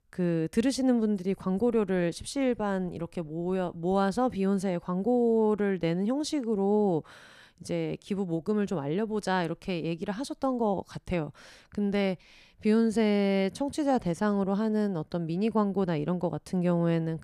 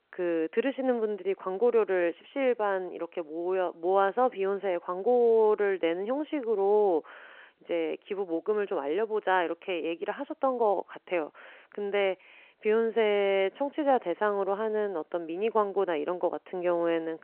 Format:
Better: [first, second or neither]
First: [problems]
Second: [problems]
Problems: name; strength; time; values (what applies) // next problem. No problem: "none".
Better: first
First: none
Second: phone-call audio